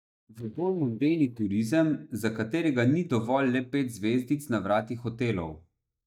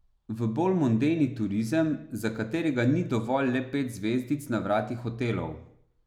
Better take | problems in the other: second | noise reduction (neural mask model DeepFilterNet 3)

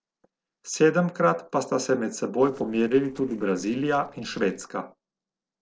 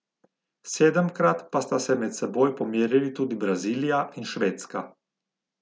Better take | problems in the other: second | noise reduction (neural separator model SepFormer DNS4)

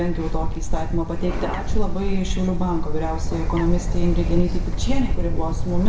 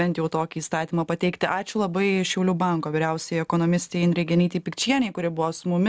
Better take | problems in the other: second | background sound (Bird); 5 dB above the speech // room echo; dies away in 0.6 s

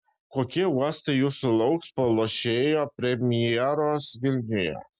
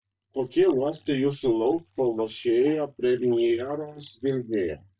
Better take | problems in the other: first | noise reduction (neural mask model DeepFilterNet 3)

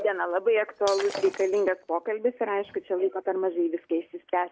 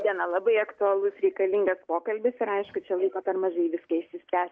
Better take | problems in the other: second | background sound (Shatter); 13 dB below the speech

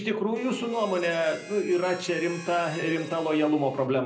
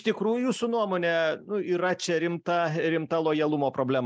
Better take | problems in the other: second | background sound (Harmonica); 16 dB below the speech // room echo; dies away in 0.5 s

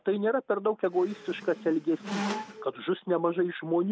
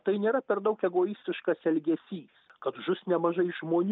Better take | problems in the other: second | background sound (Squeak); 9 dB below the speech

